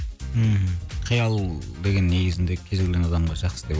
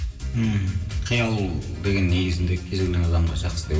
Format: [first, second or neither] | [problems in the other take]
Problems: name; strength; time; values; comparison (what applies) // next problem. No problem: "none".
first | room echo; dies away in 2 s